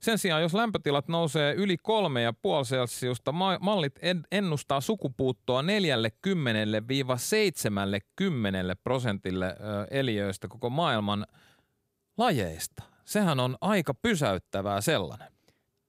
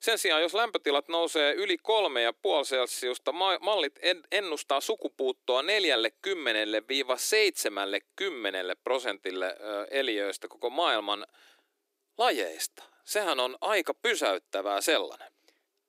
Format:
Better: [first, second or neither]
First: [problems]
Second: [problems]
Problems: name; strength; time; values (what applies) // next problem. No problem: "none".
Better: first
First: none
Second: thin; very; fading below 300 Hz